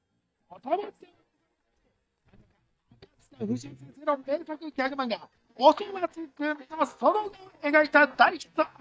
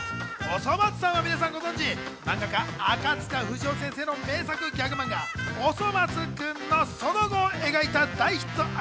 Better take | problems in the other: second | noise reduction (neural mask model DeepFilterNet 3)

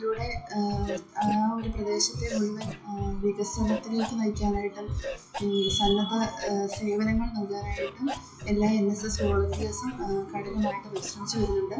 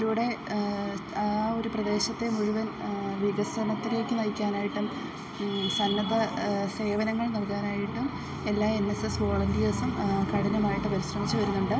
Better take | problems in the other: second | noise reduction (classical method WPE with log-MMSE)

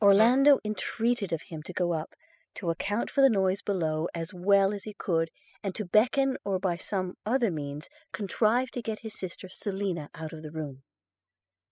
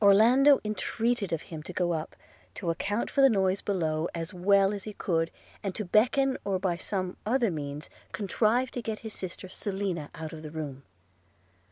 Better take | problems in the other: second | noise reduction (classical method spectral subtraction)

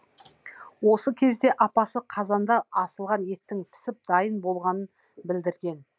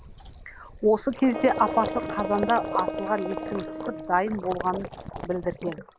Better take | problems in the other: first | background sound (Wind instrument, woodwind instrument + Gurgling); 7 dB below the speech

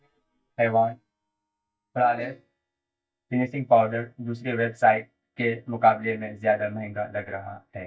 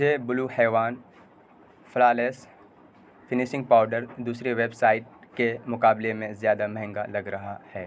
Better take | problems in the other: second | noise reduction (neural mask model DeepFilterNet 3)

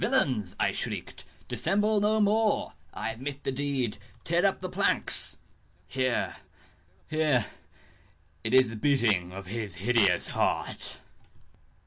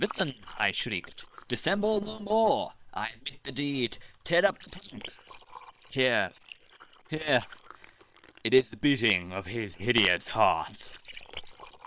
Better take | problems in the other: first | noise reduction (neural separator model SepFormer WHAM!)

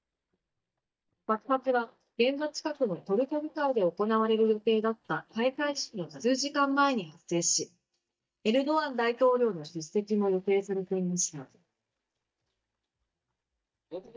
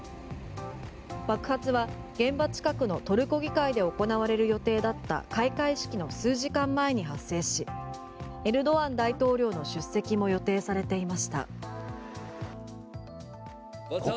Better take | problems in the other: second | noise reduction (neural mask model DeepFilterNet 3)

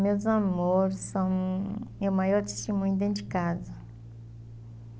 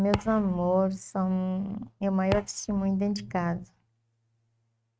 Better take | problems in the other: first | noise reduction (neural mask model RNNoise)

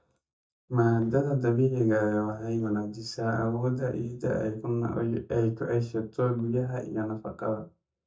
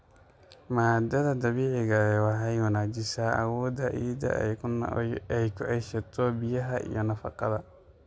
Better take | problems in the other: second | noise reduction (neural mask model DeepFilterNet 3)

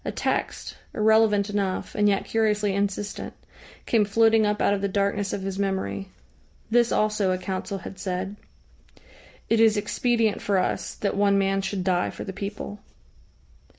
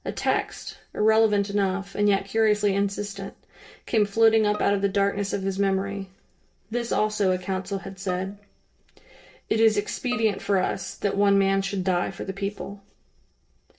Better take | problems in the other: first | noise reduction (neural separator model SepFormer DNS4)

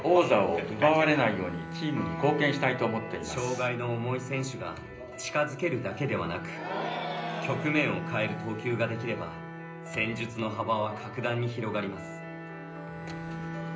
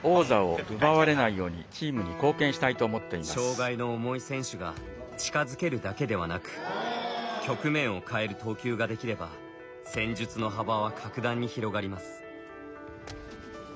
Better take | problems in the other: second | background sound (Bowed string instrument); 11 dB below the speech // room echo; dies away in 0.5 s

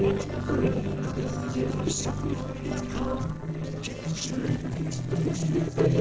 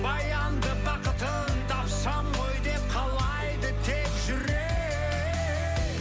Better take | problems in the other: second | noise reduction (neural separator model SepFormer DNS4)

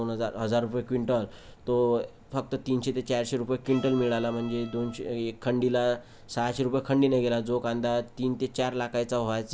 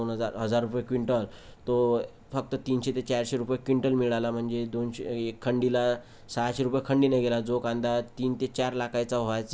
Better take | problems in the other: second | background sound (Bowed string instrument); 18 dB below the speech

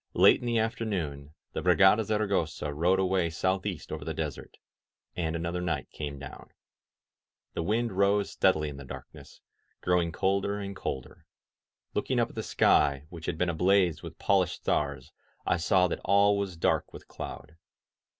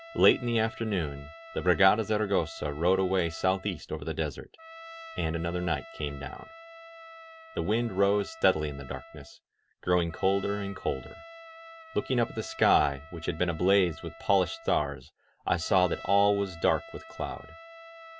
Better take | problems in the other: first | background sound (Trumpet); 18 dB below the speech

